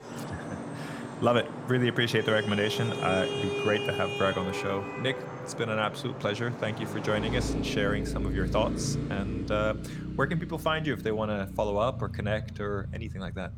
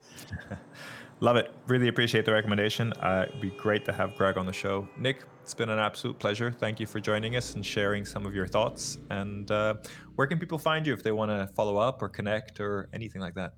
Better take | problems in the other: second | traffic noise; loud; throughout; 5 dB below the speech; faint in the second

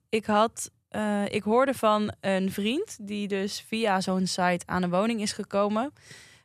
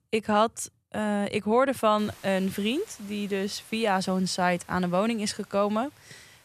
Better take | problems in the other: first | hiss; faint; from 2 s on; 25 dB below the speech

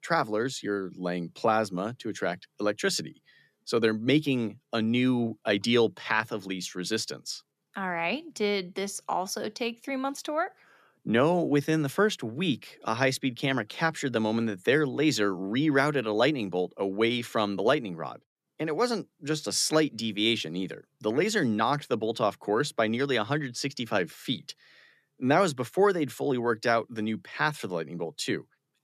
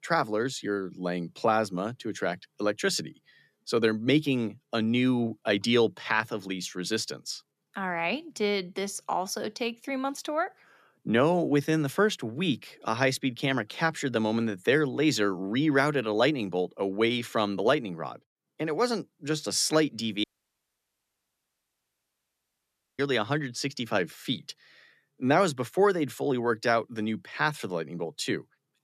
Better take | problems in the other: first | audio cutting out; at 20 s for 3 s

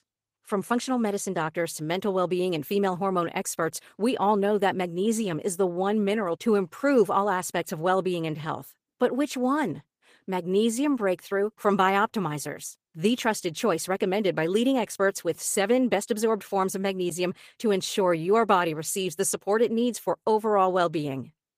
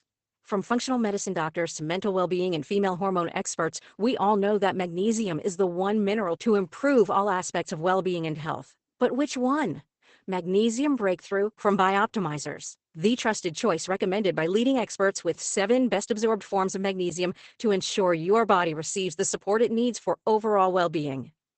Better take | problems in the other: first | garbled, watery; badly; nothing above 8 kHz; slightly in the first

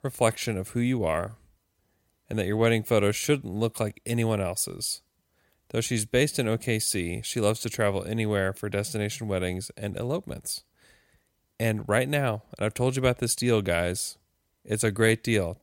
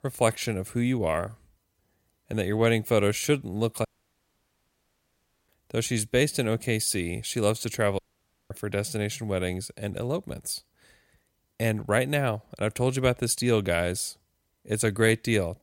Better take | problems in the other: first | audio cutting out; at 4 s for 1.5 s and at 8 s for 0.5 s

